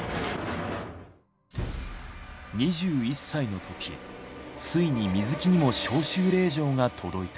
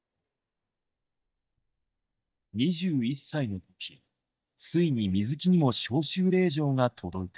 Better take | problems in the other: first | noise reduction (neural mask model DeepFilterNet 3)

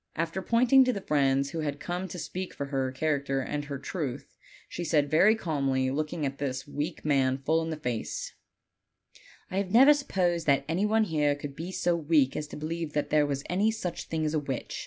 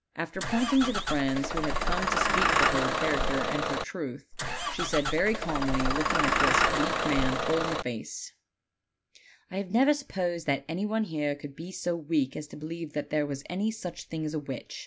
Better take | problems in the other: first | background sound (Engine starting / Bus); 3 dB above the speech

